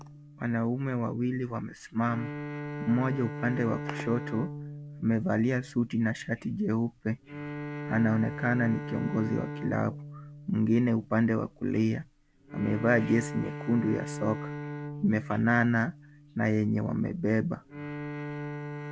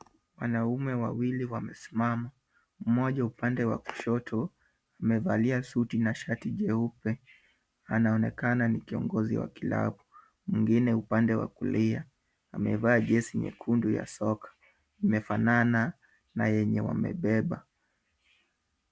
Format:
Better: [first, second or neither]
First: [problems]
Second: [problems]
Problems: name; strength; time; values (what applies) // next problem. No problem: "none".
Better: second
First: background sound (Bowed string instrument); 10 dB below the speech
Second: none